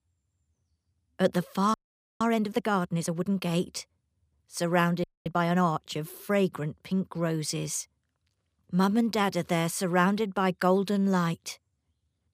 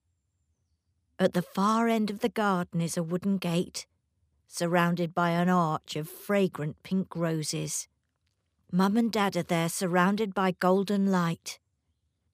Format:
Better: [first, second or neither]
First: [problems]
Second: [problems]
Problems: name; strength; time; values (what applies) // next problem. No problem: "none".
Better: second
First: audio freezing; at 1.5 s and at 5 s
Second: none